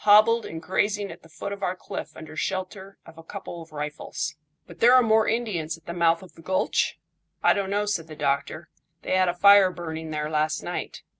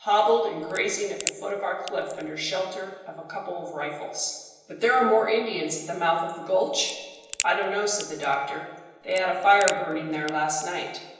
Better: first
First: none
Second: background sound (Crack); 12 dB below the speech // room echo; dies away in 1 s

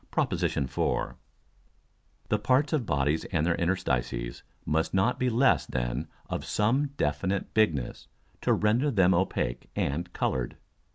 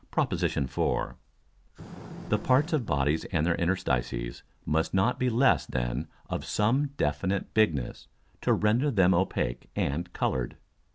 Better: first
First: none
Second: background sound (Fire); 18 dB below the speech

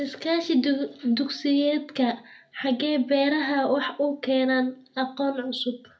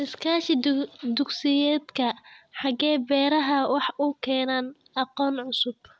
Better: second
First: room echo; dies away in 0.3 s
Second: none

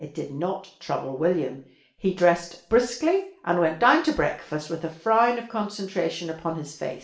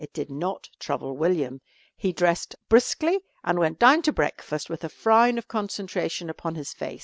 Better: second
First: room echo; dies away in 0.5 s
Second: none

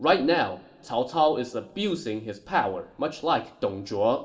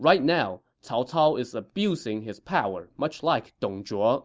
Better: second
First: room echo; dies away in 1.7 s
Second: none

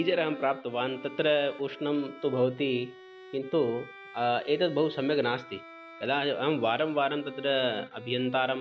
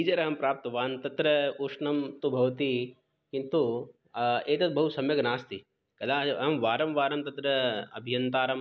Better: second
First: background sound (Bowed string instrument); 17 dB below the speech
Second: none

